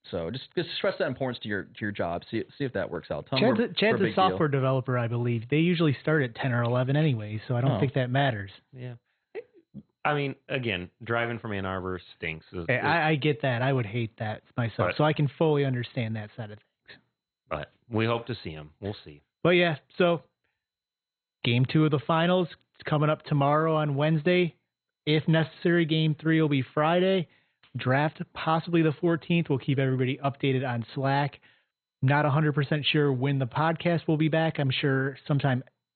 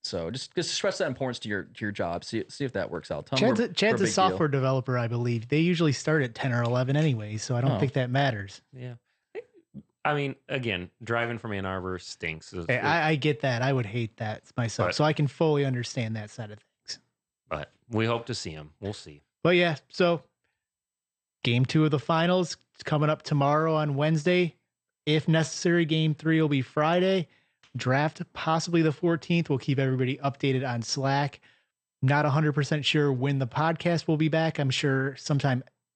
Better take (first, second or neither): second